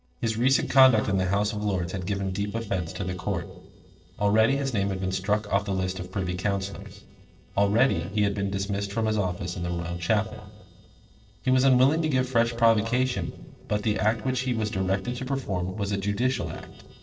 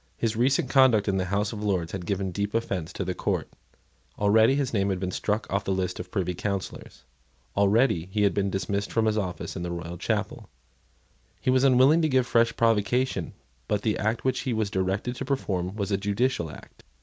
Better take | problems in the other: second | noise reduction (neural separator model SepFormer DNS4)

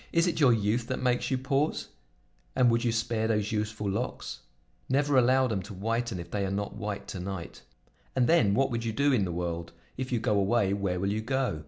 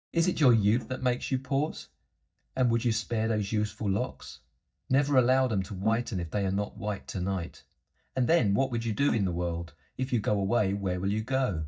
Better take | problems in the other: first | noise reduction (neural mask model DeepFilterNet 3)

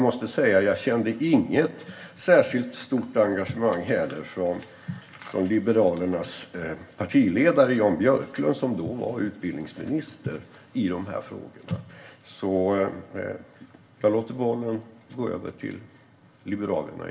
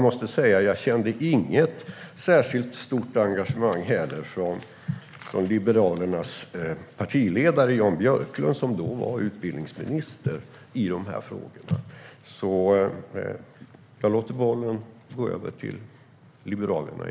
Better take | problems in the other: second | room echo; dies away in 0.1 s

